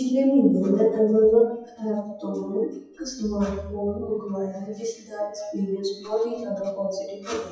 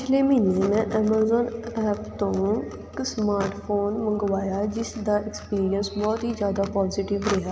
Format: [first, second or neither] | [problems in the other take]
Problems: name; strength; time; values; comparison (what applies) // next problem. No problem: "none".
second | noise reduction (classical method WPE with log-MMSE)